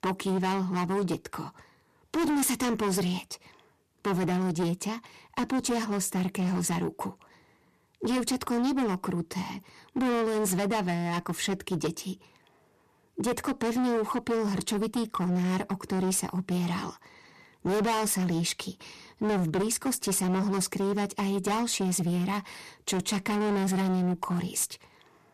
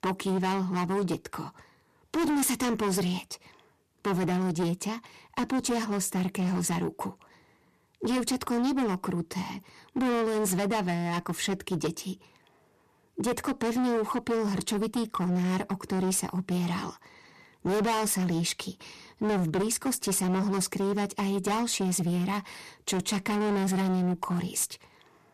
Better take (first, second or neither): neither